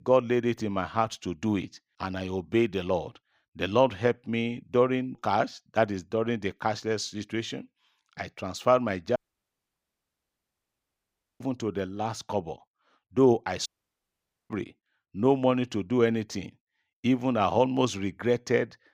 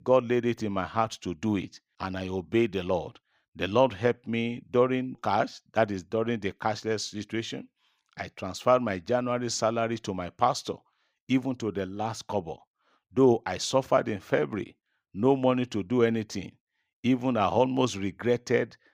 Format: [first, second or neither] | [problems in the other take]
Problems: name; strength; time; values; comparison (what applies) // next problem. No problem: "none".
second | audio cutting out; at 9 s for 2 s and at 14 s for 1 s